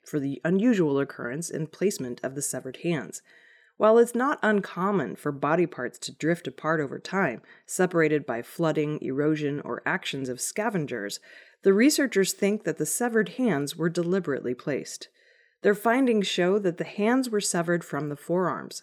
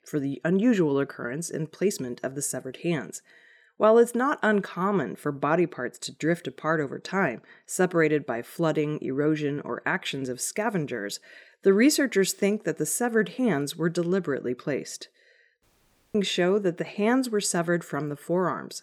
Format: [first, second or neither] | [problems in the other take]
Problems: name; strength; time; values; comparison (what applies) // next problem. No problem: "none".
first | audio cutting out; at 16 s for 0.5 s